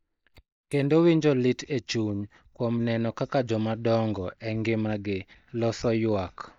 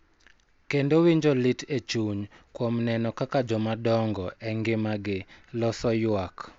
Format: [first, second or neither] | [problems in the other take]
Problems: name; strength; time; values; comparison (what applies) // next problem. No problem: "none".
second | noise reduction (neural mask model DeepFilterNet 3)